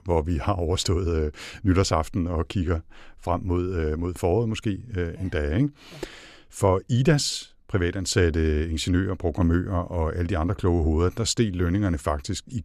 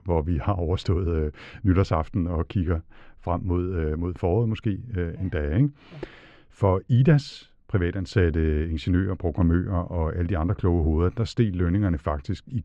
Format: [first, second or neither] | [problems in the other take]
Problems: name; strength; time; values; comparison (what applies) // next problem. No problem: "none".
first | muffled; slightly; fading above 2.5 kHz